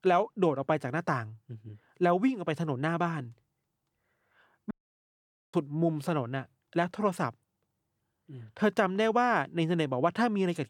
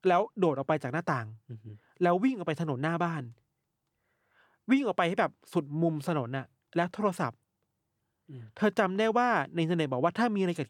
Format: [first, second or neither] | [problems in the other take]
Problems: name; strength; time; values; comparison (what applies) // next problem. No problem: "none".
second | audio cutting out; at 4.5 s for 1 s